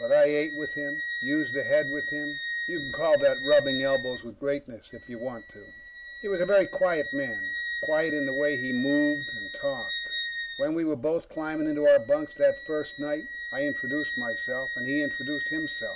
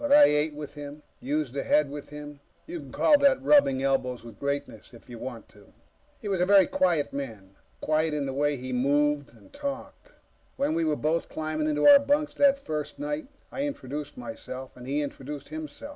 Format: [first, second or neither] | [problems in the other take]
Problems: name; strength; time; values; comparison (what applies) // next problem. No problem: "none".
second | background sound (Wind instrument, woodwind instrument); 7 dB below the speech